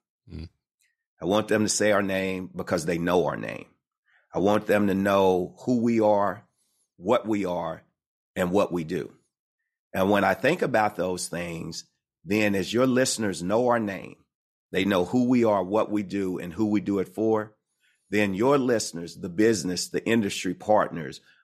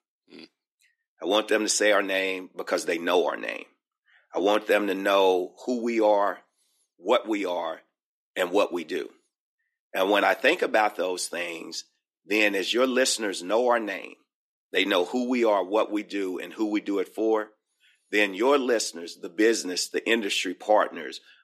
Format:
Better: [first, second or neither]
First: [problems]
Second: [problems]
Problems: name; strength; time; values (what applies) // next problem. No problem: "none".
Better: first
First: none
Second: thin; very slightly; fading below 300 Hz